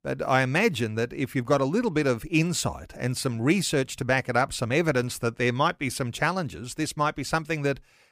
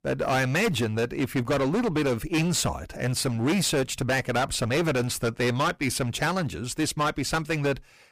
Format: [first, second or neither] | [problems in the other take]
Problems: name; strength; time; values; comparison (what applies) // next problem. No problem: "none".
first | distortion; heavy; 18% of the sound clipped